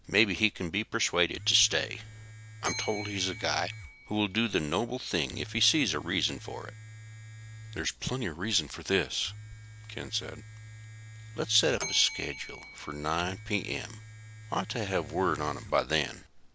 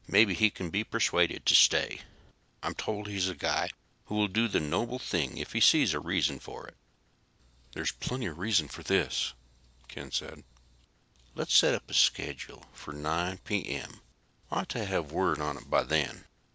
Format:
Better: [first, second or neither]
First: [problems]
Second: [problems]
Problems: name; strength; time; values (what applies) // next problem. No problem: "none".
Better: second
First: background sound (Bell + Domestic sounds, home sounds); 13 dB below the speech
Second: none